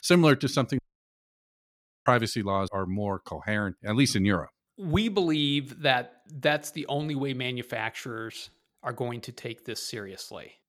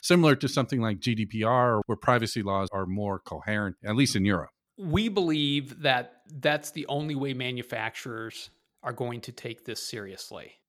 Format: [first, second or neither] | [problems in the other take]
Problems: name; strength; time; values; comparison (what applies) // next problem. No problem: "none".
second | audio cutting out; at 1 s for 1.5 s